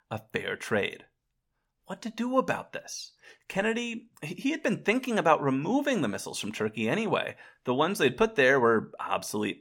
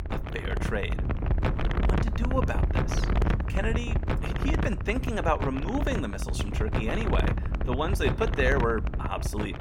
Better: first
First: none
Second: wind noise on the microphone; heavy; 4 dB below the speech

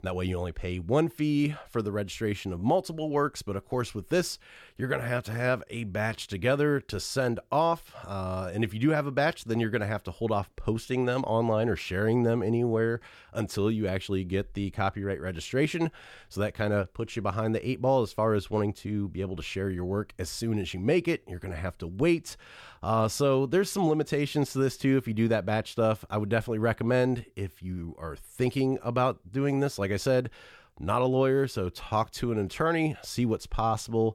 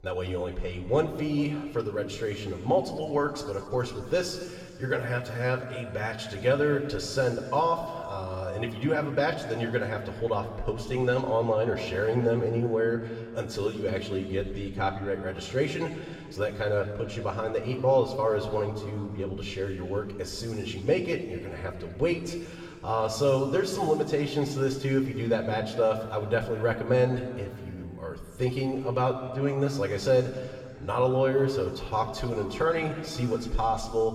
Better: first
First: none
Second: room echo; slight; dies away in 2.2 s // off-mic speech; somewhat distant

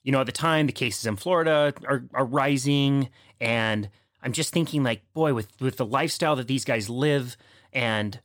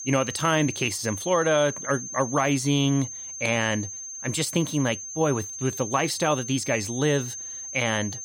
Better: first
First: none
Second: high-pitched whine; loud; throughout; 6.5 kHz, 8 dB below the speech

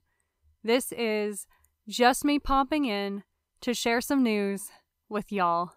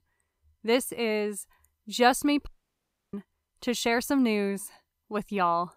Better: first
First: none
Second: audio cutting out; at 2.5 s for 0.5 s

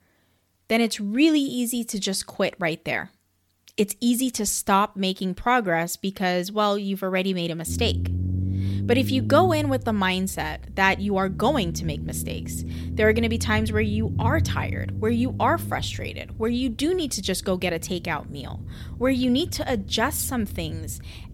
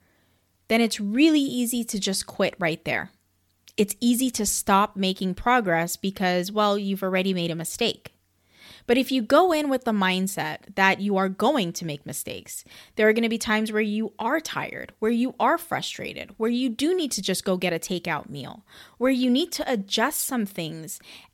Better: second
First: low rumble; noticeable; from 7.5 s on; 15 dB below the speech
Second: none

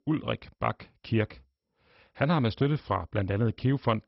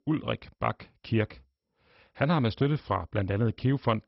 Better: neither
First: garbled, watery; badly; nothing above 5.5 kHz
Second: garbled, watery; badly; nothing above 5.5 kHz

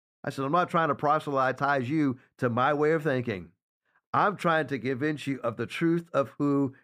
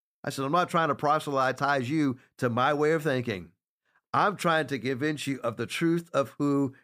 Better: second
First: muffled; very slightly; fading above 3.5 kHz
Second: none

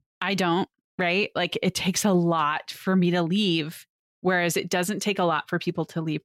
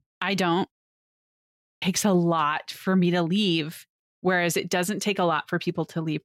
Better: first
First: none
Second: audio cutting out; at 0.5 s for 1 s

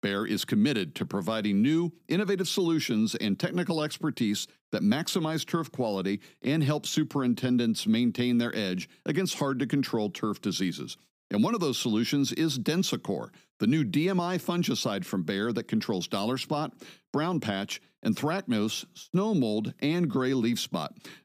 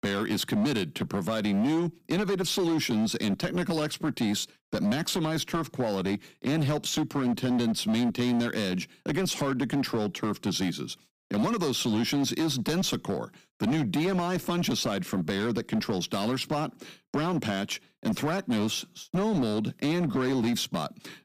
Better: first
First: none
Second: distortion; slight; 16% of the sound clipped

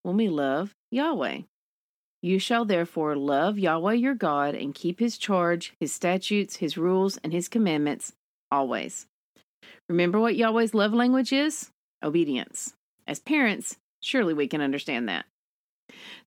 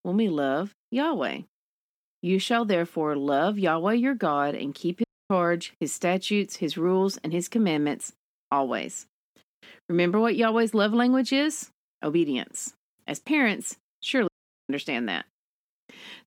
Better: first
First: none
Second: audio cutting out; at 5 s and at 14 s

